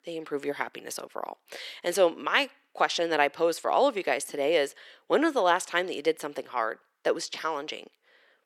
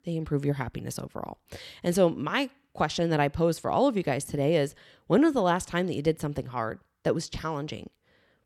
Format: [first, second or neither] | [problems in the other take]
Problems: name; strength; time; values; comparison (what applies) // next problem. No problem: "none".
second | thin; somewhat; fading below 400 Hz